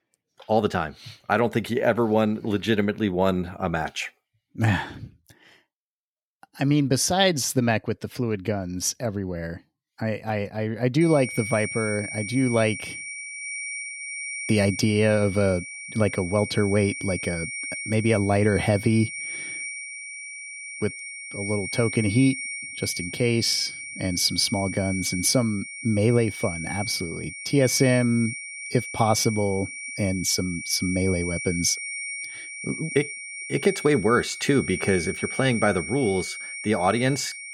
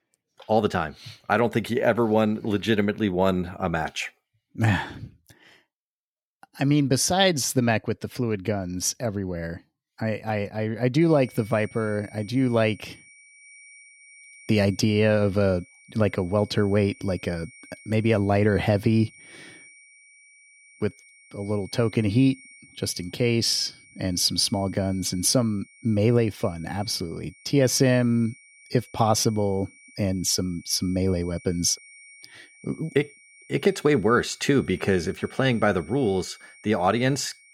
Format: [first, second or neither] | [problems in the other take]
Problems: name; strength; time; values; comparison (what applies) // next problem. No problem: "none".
second | high-pitched whine; loud; from 11 s on; 2.5 kHz, 8 dB below the speech; faint in the second